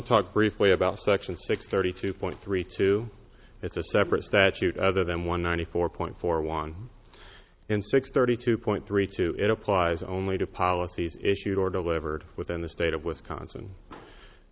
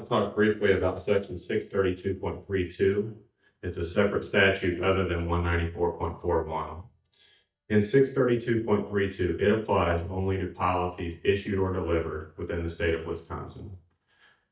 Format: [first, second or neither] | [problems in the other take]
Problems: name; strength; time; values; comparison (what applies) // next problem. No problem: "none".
first | noise reduction (neural mask model DeepFilterNet 3)